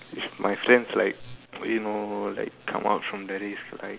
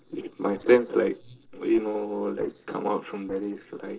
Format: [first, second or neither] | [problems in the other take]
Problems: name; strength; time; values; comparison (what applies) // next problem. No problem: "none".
first | noise reduction (neural separator model SepFormer DNS4)